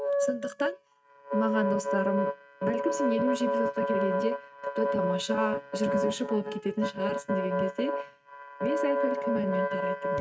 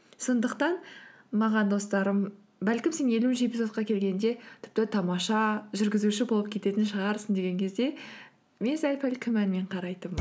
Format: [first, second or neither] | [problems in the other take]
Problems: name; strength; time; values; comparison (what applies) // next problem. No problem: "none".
second | noise reduction (neural mask model RNNoise)